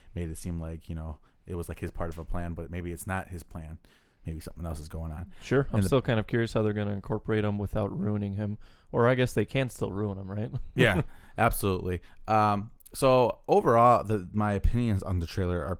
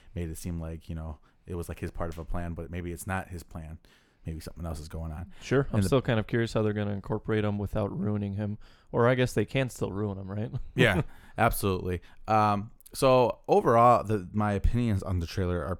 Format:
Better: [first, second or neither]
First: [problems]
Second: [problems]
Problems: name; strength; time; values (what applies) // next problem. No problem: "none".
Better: second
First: garbled, watery; slightly; nothing above 15.5 kHz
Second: none